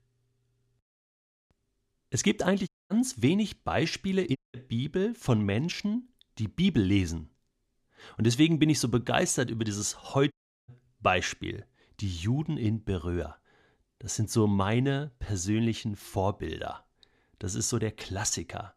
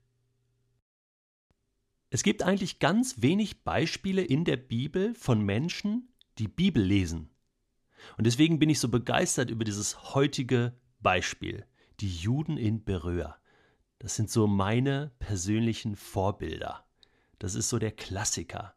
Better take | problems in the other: second | audio cutting out; at 2.5 s, at 4.5 s and at 10 s

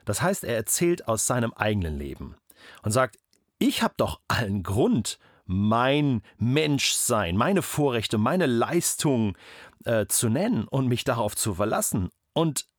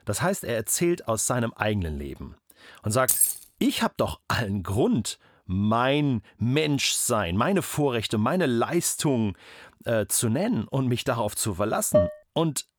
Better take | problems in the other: first | jangling keys; loud; at 3 s; peak 5 dB above the speech // clattering dishes; loud; at 12 s; peak 1 dB above the speech

